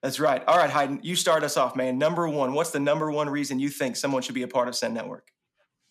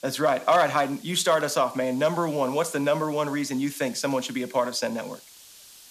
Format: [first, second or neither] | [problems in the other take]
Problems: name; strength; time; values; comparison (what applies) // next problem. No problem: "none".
first | hiss; faint; throughout; 20 dB below the speech